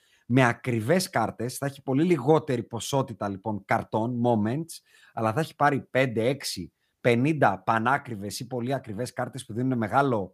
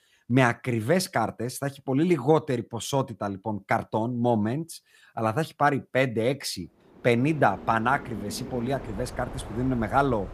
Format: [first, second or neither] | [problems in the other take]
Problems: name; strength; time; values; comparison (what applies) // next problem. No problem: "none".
first | train or aircraft noise; noticeable; from 7.5 s on; 15 dB below the speech